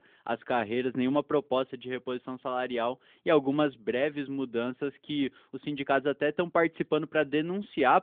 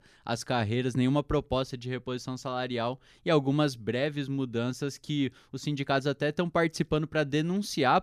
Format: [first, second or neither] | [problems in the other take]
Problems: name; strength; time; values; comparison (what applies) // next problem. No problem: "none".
second | phone-call audio; nothing above 3.5 kHz